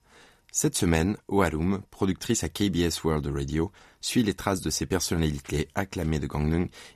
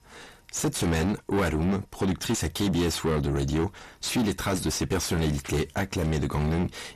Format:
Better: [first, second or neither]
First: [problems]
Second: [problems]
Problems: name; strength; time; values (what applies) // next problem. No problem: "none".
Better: first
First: none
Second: distortion; heavy; 6 dB below the speech